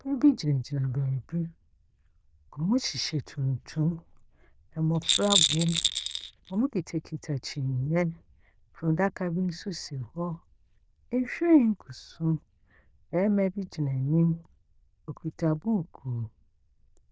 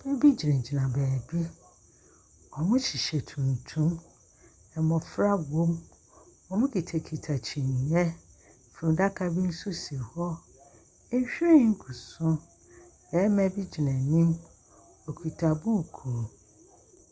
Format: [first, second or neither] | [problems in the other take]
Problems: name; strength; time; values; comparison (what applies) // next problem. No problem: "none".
second | noise reduction (neural diffusion model UNIVERSE++)